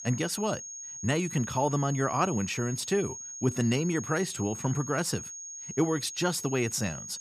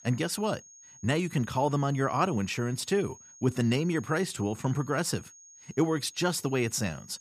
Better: second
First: high-pitched whine; loud; throughout; 6.5 kHz, 9 dB below the speech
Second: high-pitched whine; faint; throughout; 6.5 kHz, 20 dB below the speech

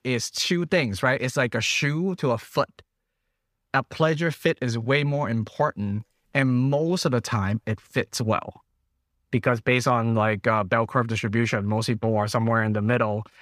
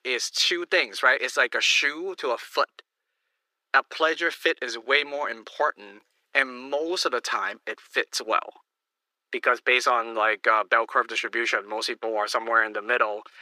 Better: first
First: none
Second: thin; very; fading below 350 Hz

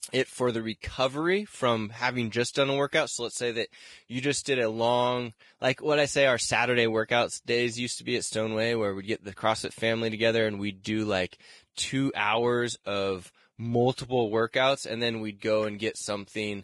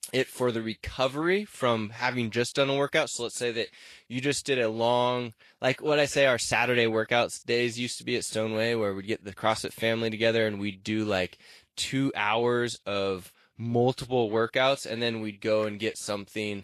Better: second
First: garbled, watery; badly; nothing above 10 kHz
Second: garbled, watery; slightly; nothing above 11.5 kHz

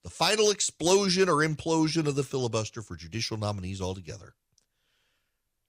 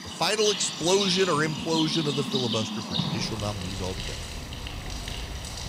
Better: first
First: none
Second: animal sounds; loud; throughout; 4 dB below the speech

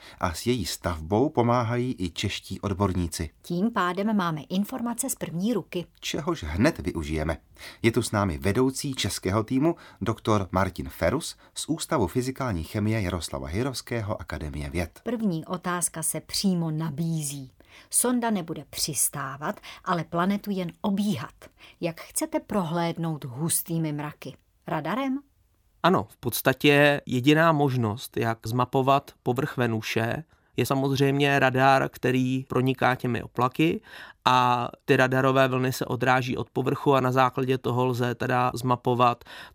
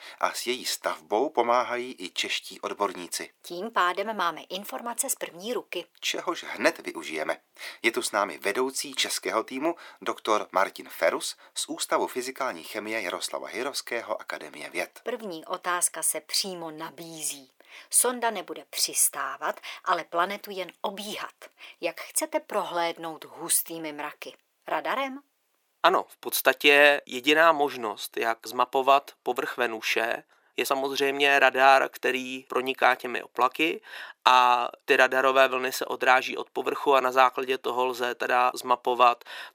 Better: first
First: none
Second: thin; very; fading below 400 Hz

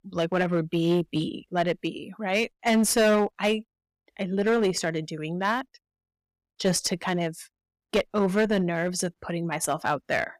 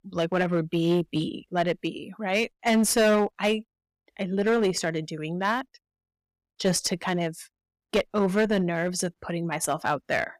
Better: neither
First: distortion; slight; 6% of the sound clipped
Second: distortion; slight; 6% of the sound clipped

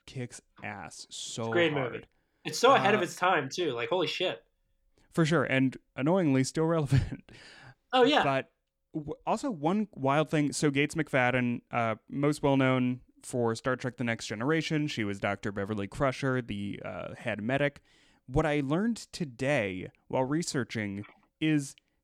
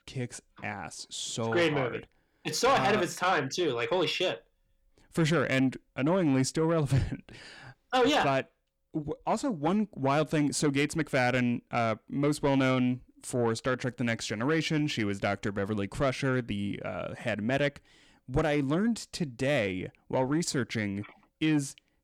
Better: first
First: none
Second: distortion; slight; 10 dB below the speech

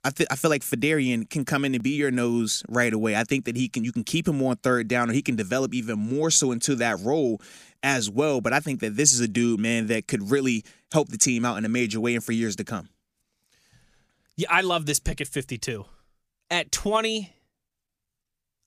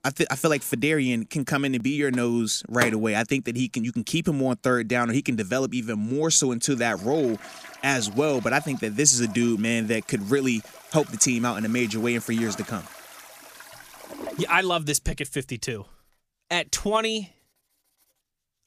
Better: first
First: none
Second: household noises; noticeable; throughout; 15 dB below the speech

